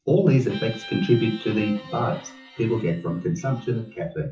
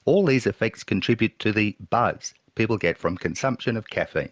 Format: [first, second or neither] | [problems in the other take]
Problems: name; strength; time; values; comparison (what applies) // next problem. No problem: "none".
second | noise reduction (classical method WPE with log-MMSE)